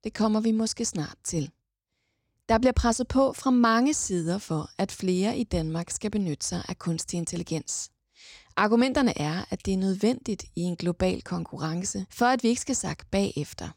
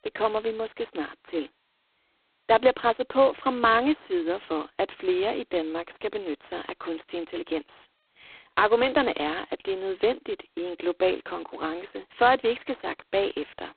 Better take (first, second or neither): first